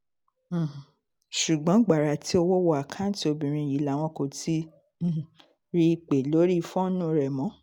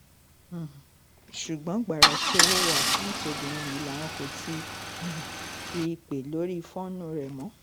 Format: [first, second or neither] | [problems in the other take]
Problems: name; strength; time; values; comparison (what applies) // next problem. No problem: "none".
first | background sound (Idling / Engine starting / Car); 5 dB above the speech